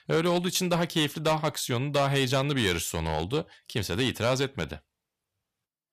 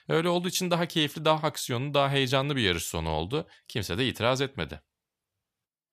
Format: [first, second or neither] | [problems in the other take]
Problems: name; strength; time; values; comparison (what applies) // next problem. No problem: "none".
second | distortion; slight; 5% of the sound clipped